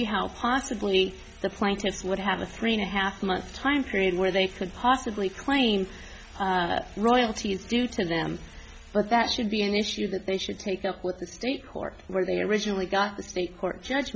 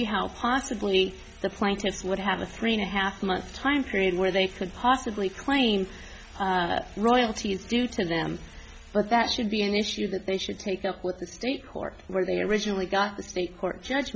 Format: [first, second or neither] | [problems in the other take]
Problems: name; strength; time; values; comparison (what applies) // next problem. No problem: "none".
first | background sound (Whoosh, swoosh, swish); 18 dB below the speech